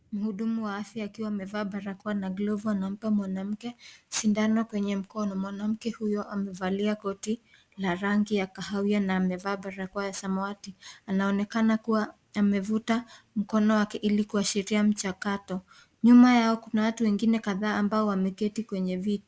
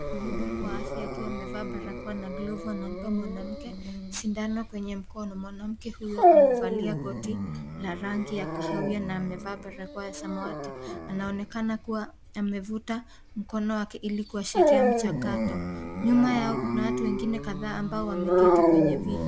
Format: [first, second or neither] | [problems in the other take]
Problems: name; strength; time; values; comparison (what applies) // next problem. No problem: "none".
first | background sound (Dog); 4 dB above the speech